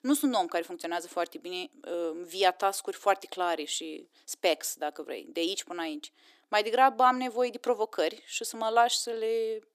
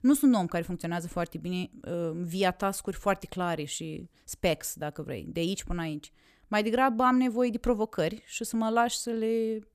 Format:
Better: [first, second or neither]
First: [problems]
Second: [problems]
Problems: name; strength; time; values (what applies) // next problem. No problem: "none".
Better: second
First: thin; somewhat; fading below 300 Hz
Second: none